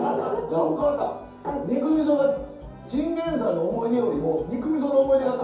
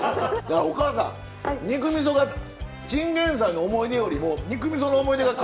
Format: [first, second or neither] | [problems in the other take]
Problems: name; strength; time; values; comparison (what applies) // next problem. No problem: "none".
second | room echo; dies away in 0.6 s